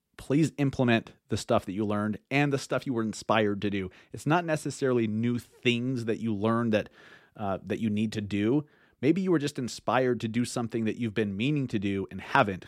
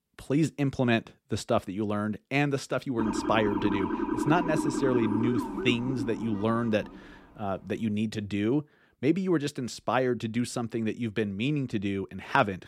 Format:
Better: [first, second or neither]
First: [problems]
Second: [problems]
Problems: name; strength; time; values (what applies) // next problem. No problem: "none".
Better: first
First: none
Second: siren; noticeable; from 3 to 7 s; peak level with the speech